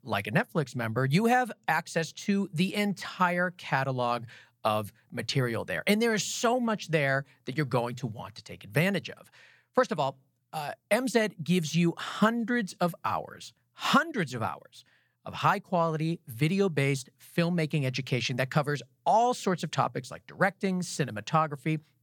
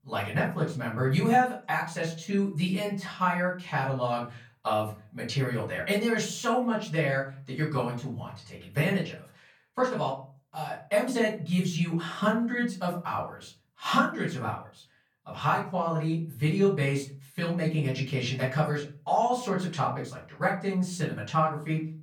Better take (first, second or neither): first